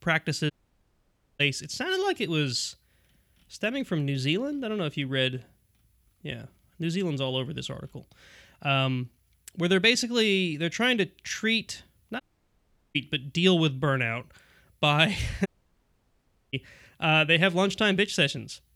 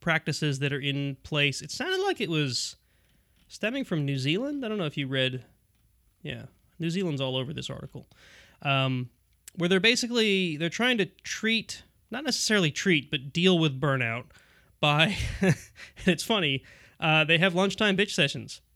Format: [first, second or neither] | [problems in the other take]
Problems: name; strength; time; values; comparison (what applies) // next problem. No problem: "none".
second | audio cutting out; at 0.5 s for 1 s, at 12 s for 0.5 s and at 15 s for 1 s